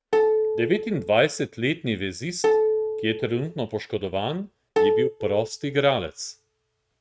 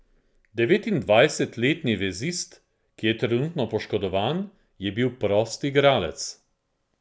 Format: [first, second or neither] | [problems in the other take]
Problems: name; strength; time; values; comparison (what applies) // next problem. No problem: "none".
second | noise reduction (neural mask model RNNoise)